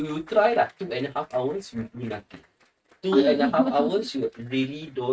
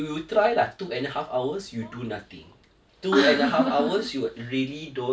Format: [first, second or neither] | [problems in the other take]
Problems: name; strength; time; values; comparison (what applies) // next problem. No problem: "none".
second | noise reduction (neural mask model RNNoise)